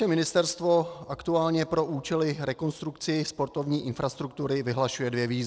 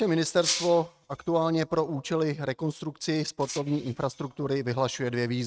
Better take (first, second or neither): first